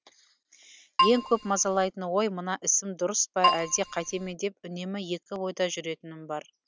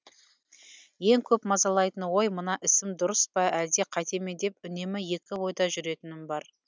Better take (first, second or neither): second